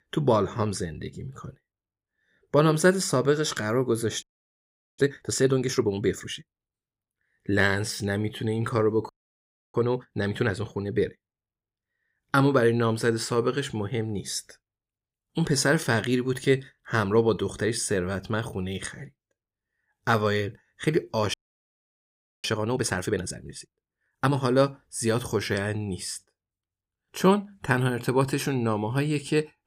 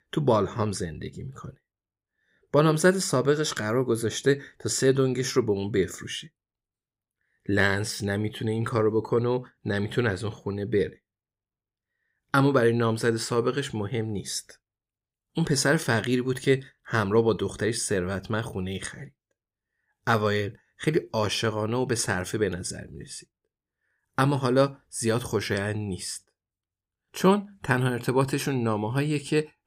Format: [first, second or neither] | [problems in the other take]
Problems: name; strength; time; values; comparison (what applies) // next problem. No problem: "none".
second | audio freezing; at 4 s for 1 s, at 9 s for 0.5 s and at 21 s for 1 s